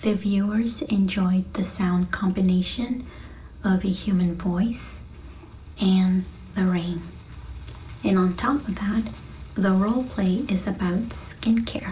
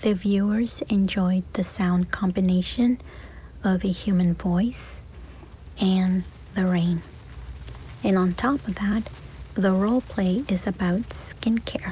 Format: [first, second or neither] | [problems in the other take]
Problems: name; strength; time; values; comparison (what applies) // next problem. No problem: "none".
second | room echo; dies away in 0.4 s